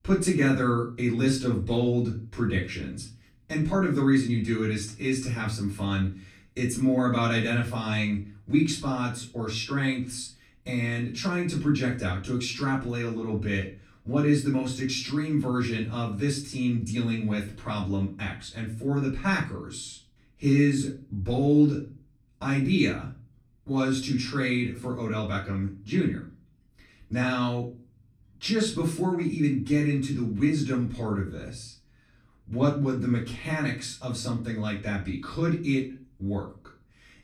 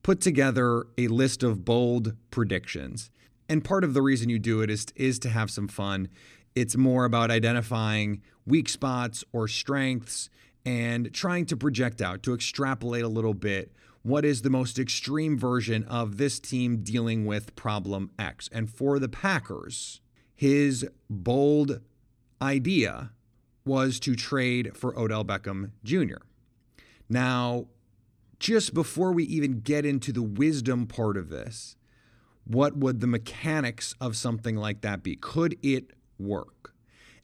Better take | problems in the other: second | off-mic speech; far // room echo; slight; dies away in 0.3 s

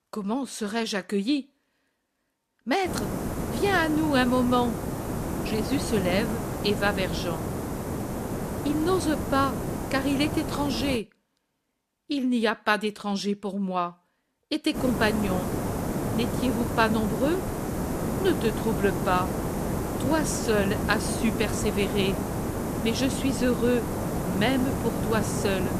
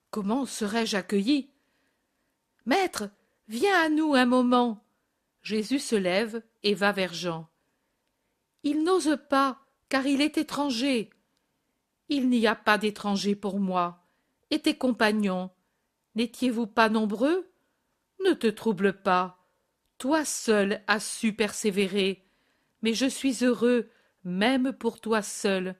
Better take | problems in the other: second | hiss; loud; from 3 to 11 s and from 15 s on; 3 dB below the speech

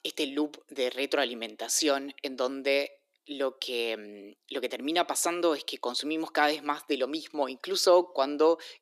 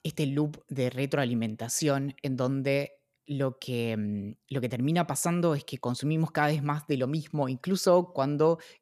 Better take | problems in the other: second | thin; somewhat; fading below 300 Hz

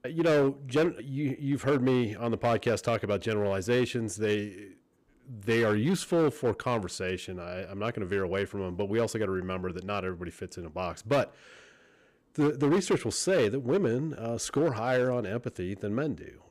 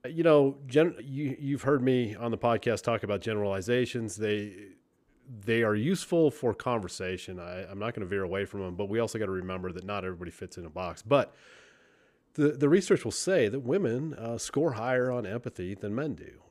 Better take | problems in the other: second | distortion; slight; 5% of the sound clipped

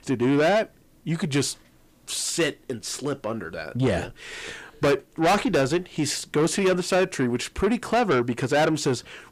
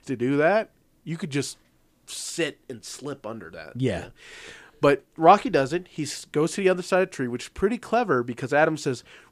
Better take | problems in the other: second | distortion; heavy; 6 dB below the speech

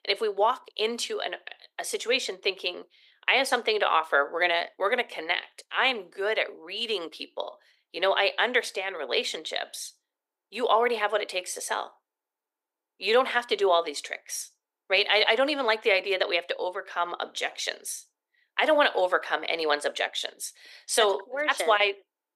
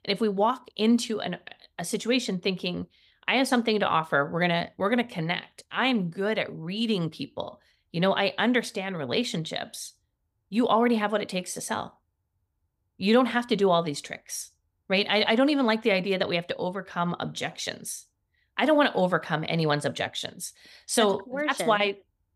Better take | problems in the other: second | thin; very; fading below 350 Hz

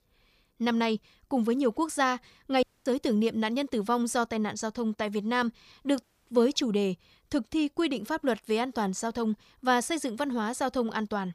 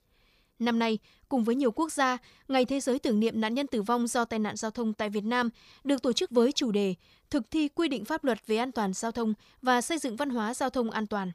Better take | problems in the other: second | audio cutting out; at 2.5 s and at 6 s

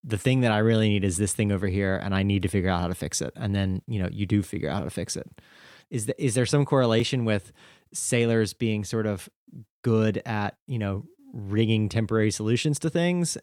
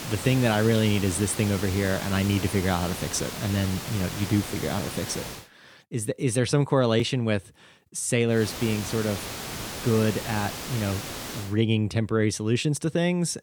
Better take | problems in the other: first | hiss; loud; until 5.5 s and from 8.5 to 11 s; 8 dB below the speech

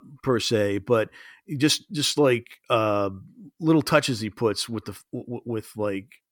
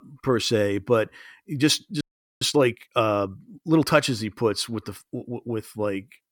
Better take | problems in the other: first | audio freezing; at 2 s

